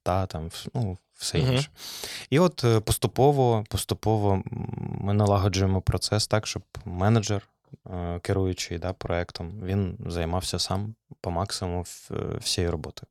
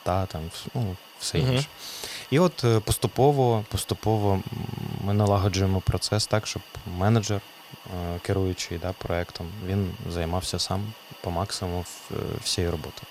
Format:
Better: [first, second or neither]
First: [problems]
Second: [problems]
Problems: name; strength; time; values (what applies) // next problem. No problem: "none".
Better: first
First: none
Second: hiss; noticeable; throughout; 20 dB below the speech